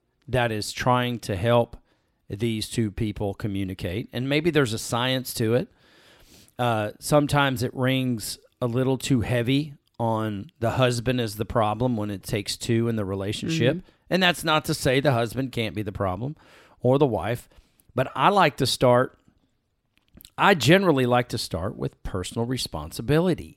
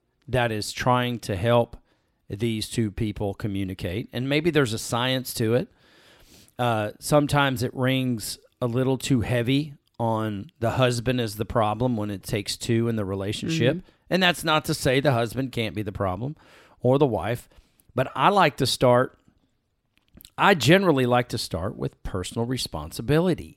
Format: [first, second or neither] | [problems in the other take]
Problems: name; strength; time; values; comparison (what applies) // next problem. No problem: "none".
neither | none